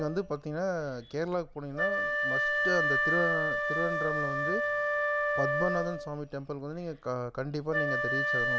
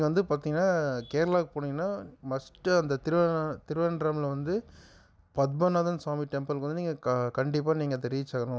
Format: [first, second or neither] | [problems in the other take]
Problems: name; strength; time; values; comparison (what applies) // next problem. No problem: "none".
second | background sound (Wind instrument, woodwind instrument); 3 dB above the speech